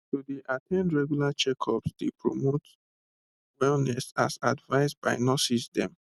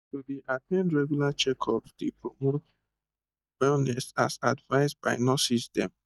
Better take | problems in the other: first | noise reduction (neural mask model DeepFilterNet 3)

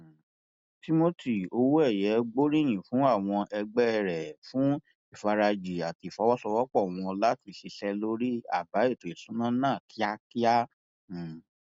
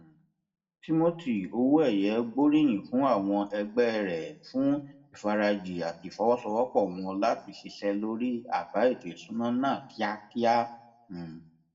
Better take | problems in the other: first | room echo; dies away in 0.5 s

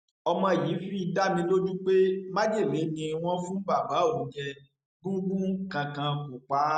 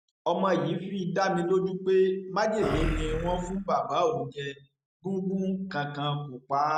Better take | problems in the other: first | background sound (Animal); 4 dB below the speech

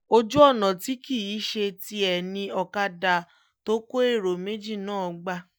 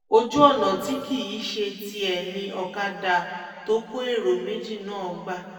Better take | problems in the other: first | room echo; dies away in 2.1 s

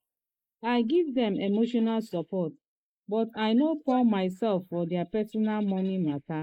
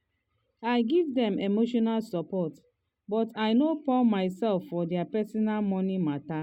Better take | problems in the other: second | noise reduction (neural mask model Resemble Enhance denoiser)

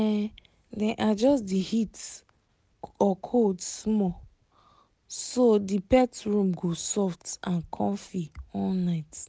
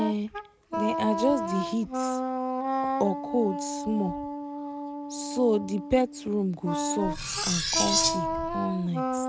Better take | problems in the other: first | background sound (Wind instrument, woodwind instrument + Cutlery, silverware); 1 dB below the speech

